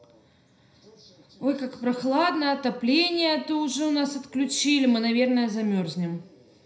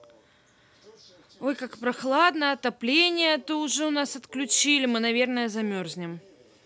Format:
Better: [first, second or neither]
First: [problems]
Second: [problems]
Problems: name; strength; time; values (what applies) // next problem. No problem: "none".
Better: second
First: room echo; dies away in 0.5 s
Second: none